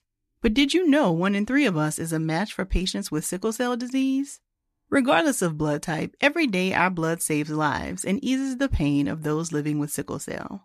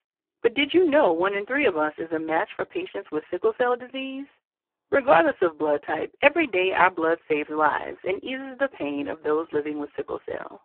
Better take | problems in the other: first | phone-call audio; poor line

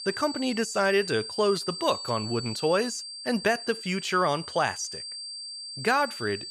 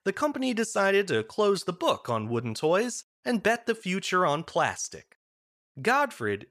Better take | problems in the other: second | high-pitched whine; loud; throughout; 4.5 kHz, 9 dB below the speech

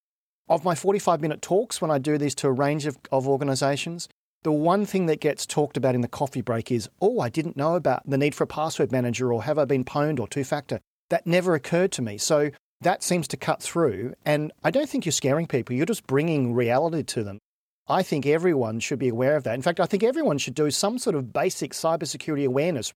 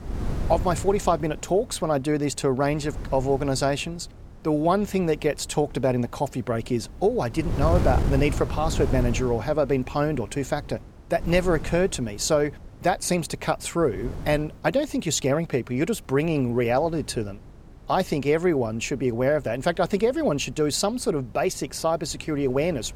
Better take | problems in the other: first | wind noise on the microphone; occasional gusts; 15 dB below the speech

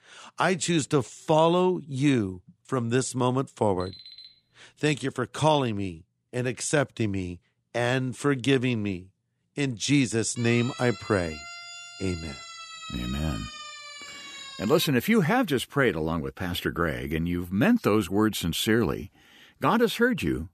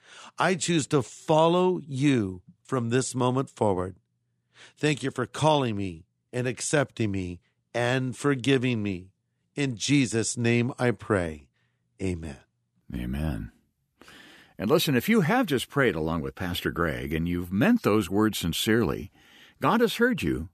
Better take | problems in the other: second | alarm; faint; at 4 s; peak 15 dB below the speech // siren; faint; from 10 to 15 s; peak 10 dB below the speech

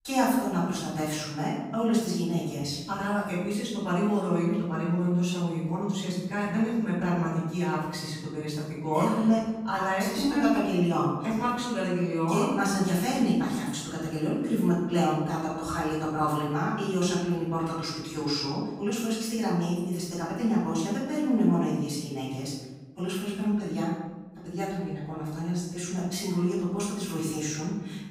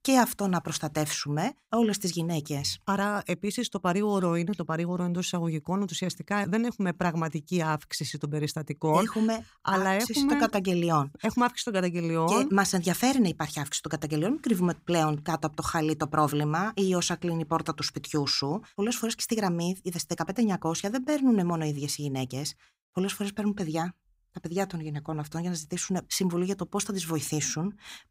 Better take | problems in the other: second | off-mic speech; far // room echo; noticeable; dies away in 1.1 s

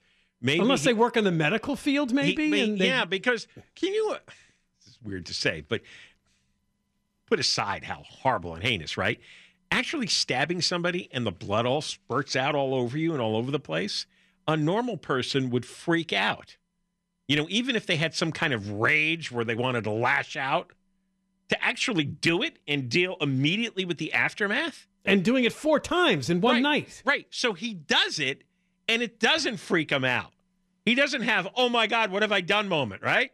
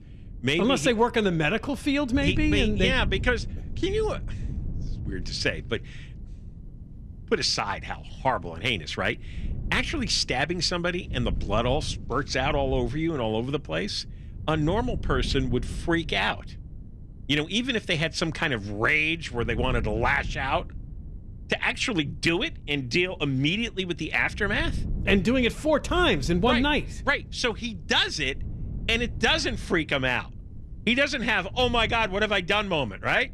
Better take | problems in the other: first | wind noise on the microphone; occasional gusts; 25 dB below the speech

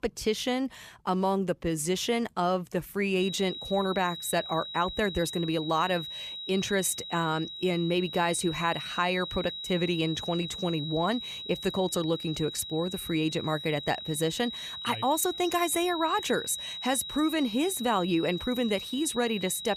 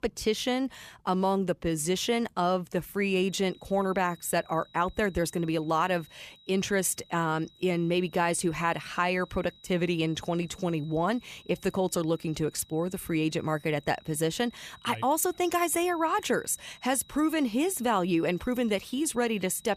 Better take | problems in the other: second | high-pitched whine; loud; from 3 s on; 4 kHz, 8 dB below the speech; faint in the second

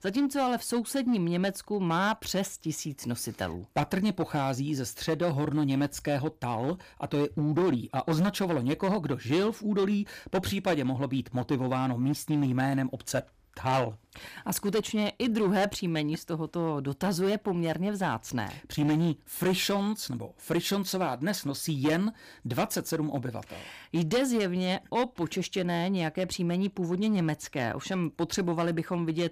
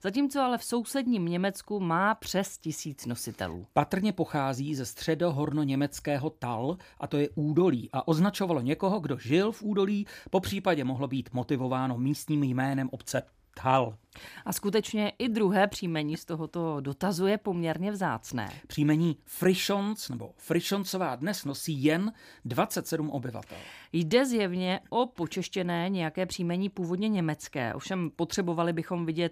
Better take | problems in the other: second | distortion; slight; 7% of the sound clipped

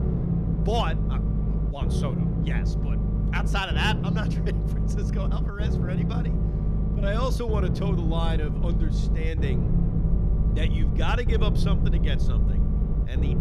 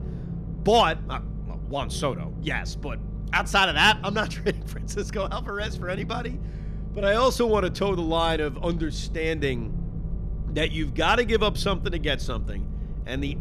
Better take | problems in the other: second | low rumble; loud; throughout; 4 dB below the speech; faint in the second

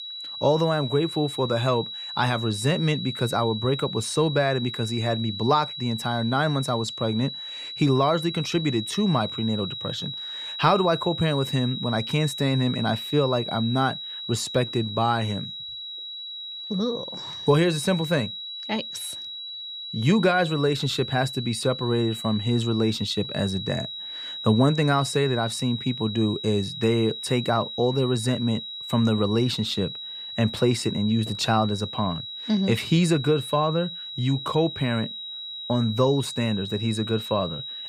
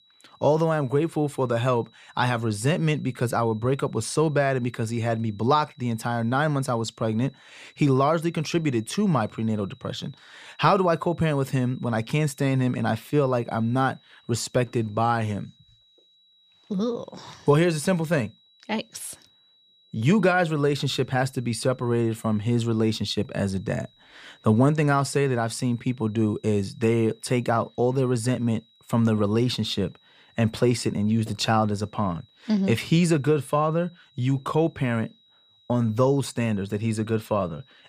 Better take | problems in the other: second | high-pitched whine; loud; throughout; 4 kHz, 8 dB below the speech; faint in the second

